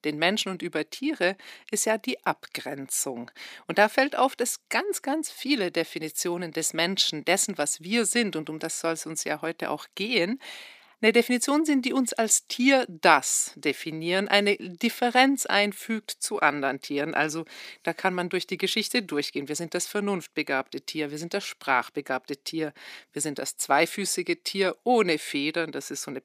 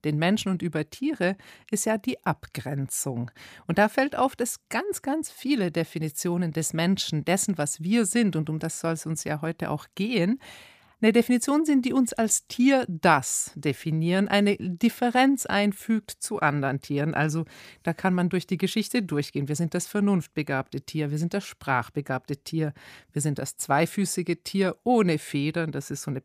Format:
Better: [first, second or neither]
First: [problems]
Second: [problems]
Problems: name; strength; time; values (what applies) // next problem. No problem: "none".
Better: second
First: thin; very slightly; fading below 300 Hz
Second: none